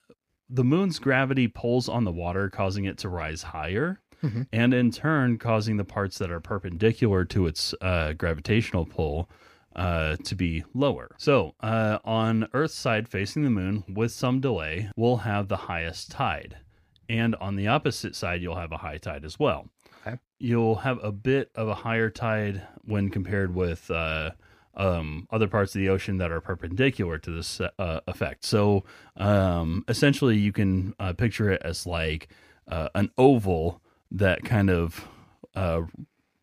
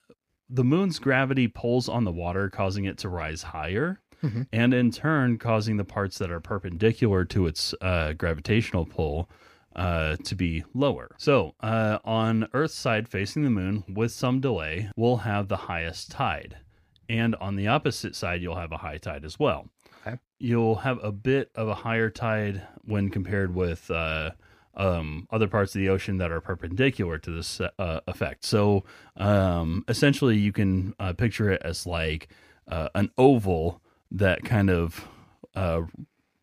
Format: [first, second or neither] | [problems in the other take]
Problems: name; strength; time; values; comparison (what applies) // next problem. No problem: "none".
neither | none